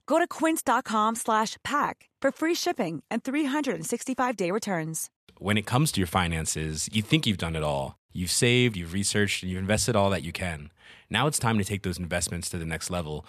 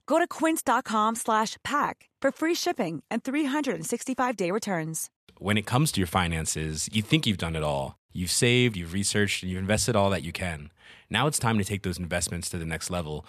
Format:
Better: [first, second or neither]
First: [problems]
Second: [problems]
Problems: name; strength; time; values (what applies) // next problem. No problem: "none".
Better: neither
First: none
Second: none